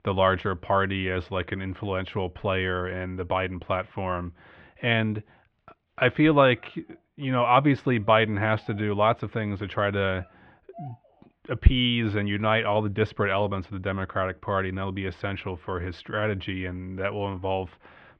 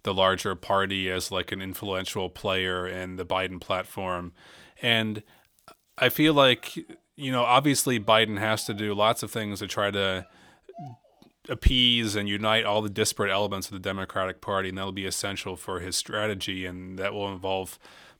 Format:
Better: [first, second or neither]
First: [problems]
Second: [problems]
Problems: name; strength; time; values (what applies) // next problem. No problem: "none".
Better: second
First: muffled; very; fading above 2.5 kHz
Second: none